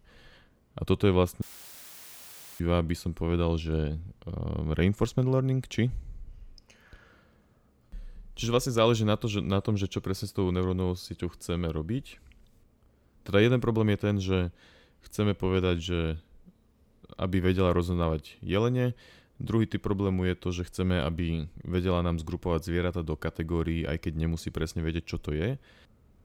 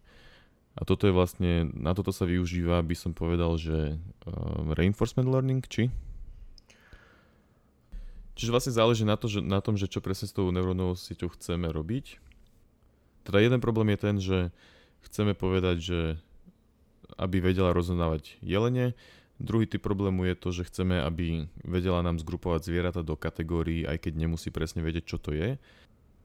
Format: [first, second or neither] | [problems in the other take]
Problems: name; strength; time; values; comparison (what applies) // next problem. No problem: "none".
second | audio cutting out; filled with static; at 1.5 s for 1 s